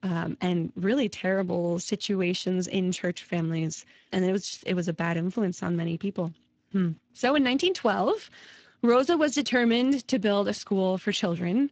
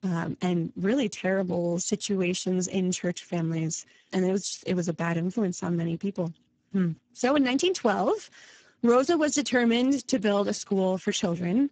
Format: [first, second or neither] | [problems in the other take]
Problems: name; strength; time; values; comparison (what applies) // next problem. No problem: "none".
first | garbled, watery; badly; nothing above 7.5 kHz; slightly in the first